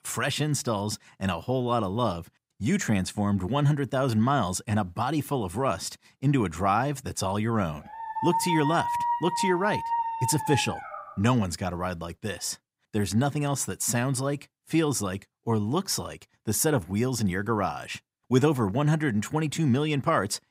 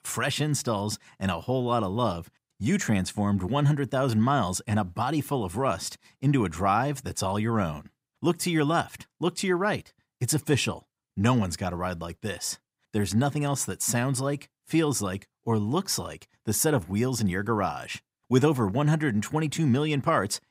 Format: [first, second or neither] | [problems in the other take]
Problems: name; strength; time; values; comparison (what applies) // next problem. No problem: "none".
second | dog barking; noticeable; from 8 to 11 s; peak level with the speech